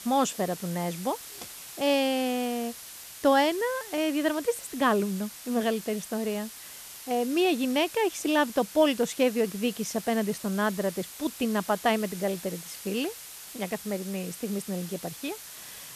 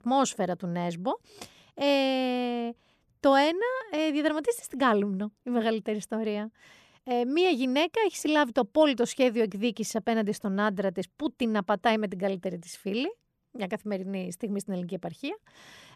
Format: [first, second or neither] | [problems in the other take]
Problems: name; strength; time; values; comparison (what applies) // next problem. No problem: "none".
second | hiss; noticeable; throughout; 10 dB below the speech